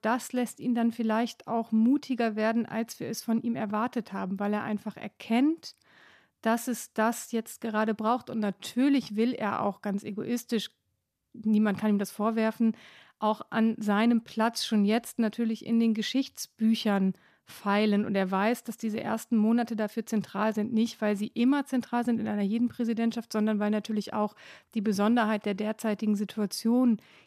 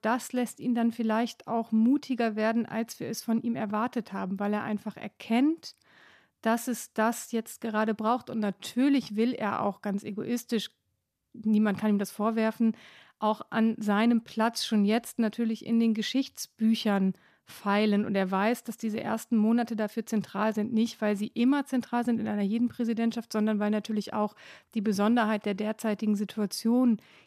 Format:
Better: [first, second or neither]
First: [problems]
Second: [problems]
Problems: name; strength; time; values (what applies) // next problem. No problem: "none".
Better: neither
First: none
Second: none